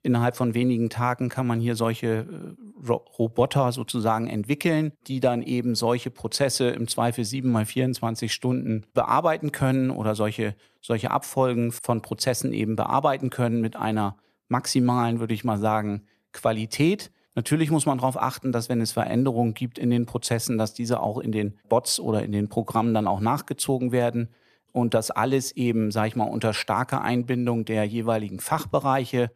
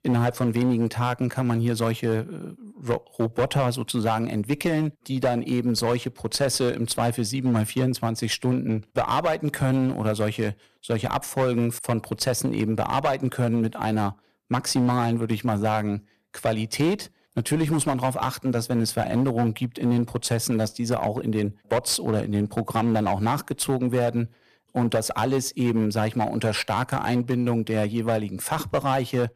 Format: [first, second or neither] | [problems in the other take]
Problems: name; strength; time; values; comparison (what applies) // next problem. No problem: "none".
first | distortion; slight; 8% of the sound clipped